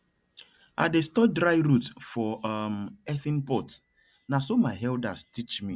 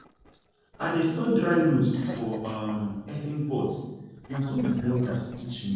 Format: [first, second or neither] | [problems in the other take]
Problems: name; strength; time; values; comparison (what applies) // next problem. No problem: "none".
first | noise reduction (neural separator model SepFormer DNS4)